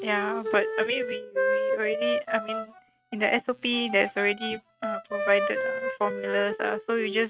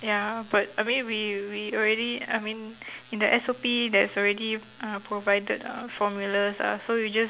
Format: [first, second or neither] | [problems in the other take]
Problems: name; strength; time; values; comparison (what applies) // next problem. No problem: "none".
second | noise reduction (neural mask model RNNoise)